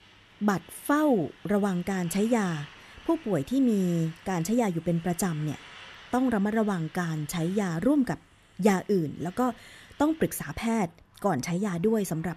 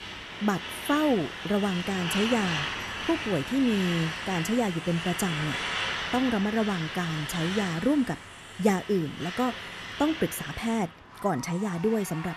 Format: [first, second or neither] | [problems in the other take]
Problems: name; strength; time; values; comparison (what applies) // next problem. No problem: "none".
first | traffic noise; loud; throughout; 5 dB below the speech; faint in the first